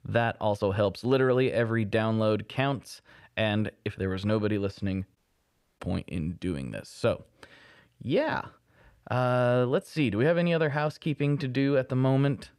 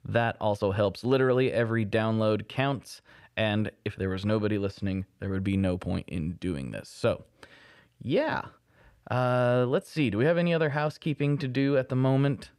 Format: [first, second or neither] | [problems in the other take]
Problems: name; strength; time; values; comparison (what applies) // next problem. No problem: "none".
second | audio cutting out; at 5 s for 0.5 s